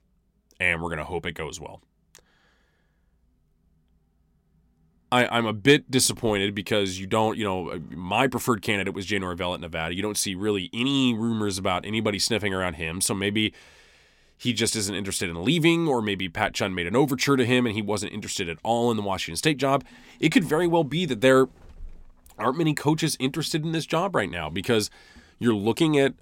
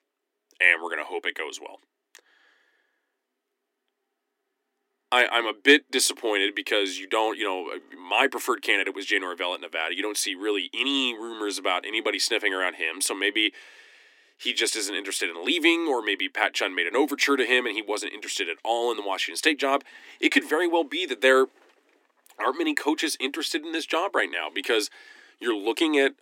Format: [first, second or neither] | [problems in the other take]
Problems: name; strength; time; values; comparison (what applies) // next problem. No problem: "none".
first | thin; somewhat; fading below 300 Hz